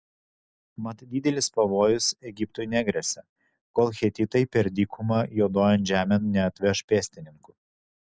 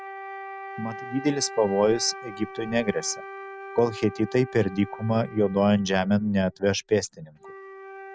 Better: first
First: none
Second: background sound (Wind instrument, woodwind instrument); 14 dB below the speech

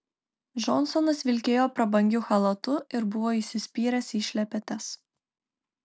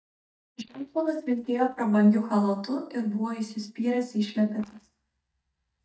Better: first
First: none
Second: noise reduction (neural mask model DeepFilterNet 3)

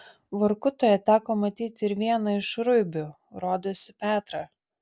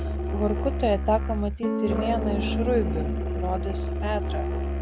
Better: first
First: none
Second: background sound (Electric guitar / Strum + Musical instrument); 2 dB above the speech

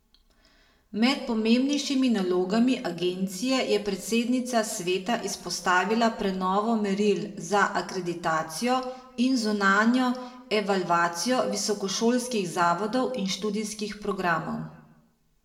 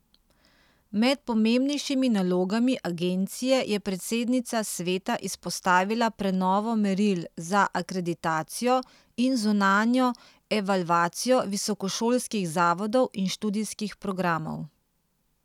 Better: second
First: room echo; dies away in 0.7 s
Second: none

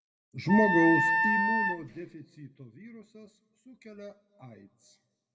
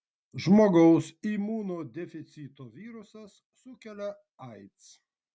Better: second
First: background sound (Wind instrument, woodwind instrument); 5 dB above the speech // room echo; dies away in 1 s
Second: none

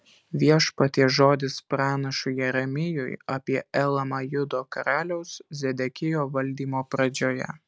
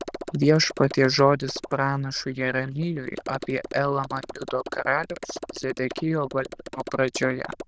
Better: first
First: none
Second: noise reduction (neural diffusion model UNIVERSE++)

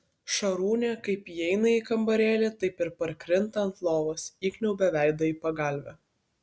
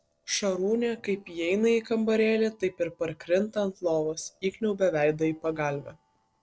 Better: first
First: none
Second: noise reduction (neural separator model SepFormer DNS4)

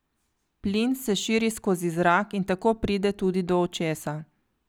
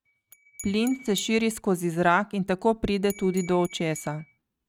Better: first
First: none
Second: noise reduction (neural mask model RNNoise)

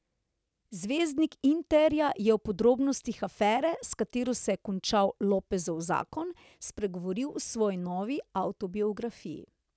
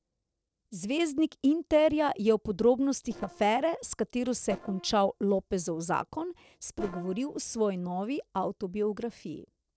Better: first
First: none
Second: noise reduction (neural separator model SepFormer DNS4)

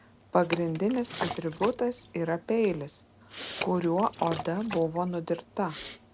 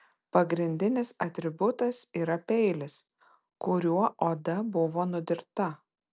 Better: second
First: background sound (Liquid + Respiratory sounds); 13 dB below the speech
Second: none

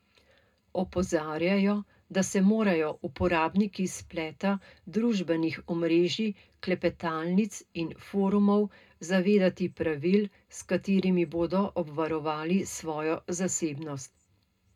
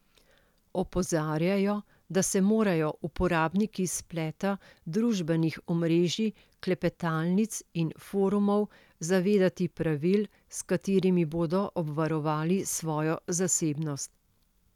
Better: second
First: room echo; dies away in 0.2 s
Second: none

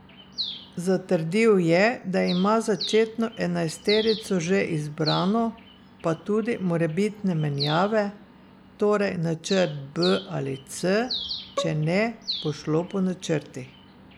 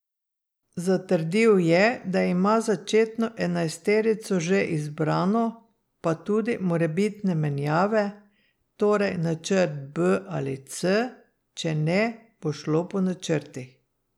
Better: second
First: background sound (Bowed string instrument + Bird); 13 dB below the speech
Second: none

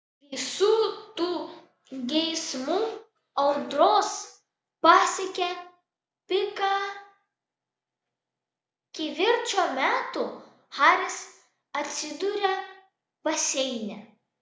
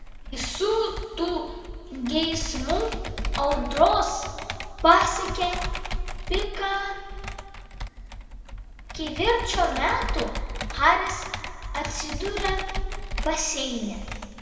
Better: first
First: none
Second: background sound (Computer keyboard); 5 dB below the speech // room echo; dies away in 1.9 s

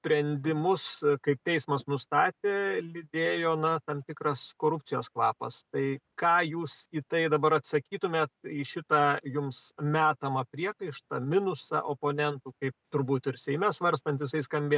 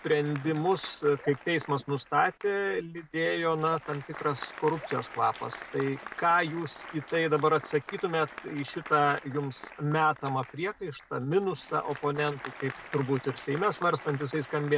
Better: first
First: none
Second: background sound (Raindrop / Drip + Applause); 16 dB below the speech

